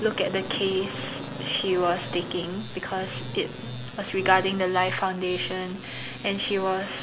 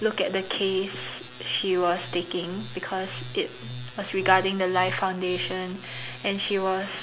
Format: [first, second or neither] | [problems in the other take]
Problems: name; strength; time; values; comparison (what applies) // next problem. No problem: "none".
second | background sound (Motorcycle); 12 dB below the speech